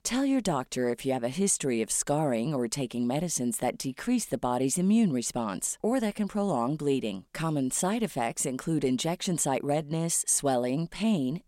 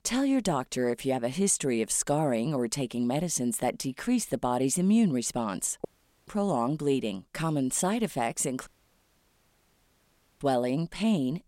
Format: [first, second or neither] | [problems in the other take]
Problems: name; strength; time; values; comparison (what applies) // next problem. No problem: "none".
first | audio cutting out; at 6 s and at 8.5 s for 1.5 s